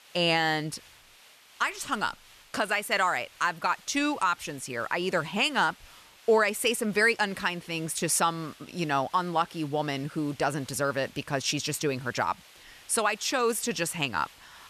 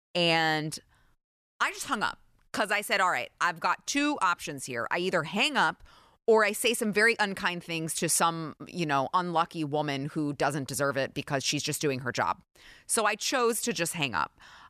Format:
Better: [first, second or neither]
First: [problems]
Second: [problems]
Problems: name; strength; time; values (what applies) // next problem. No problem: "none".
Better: second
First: hiss; faint; throughout; 25 dB below the speech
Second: none